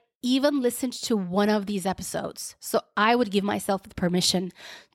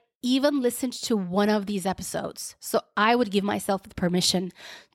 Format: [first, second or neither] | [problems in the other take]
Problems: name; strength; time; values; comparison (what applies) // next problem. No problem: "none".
neither | none